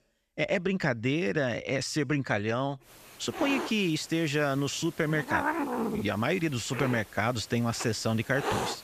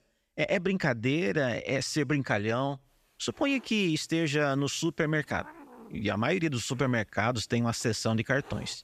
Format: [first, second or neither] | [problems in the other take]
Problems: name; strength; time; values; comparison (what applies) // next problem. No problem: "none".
second | hiss; loud; from 3 s on; 5 dB below the speech; faint in the second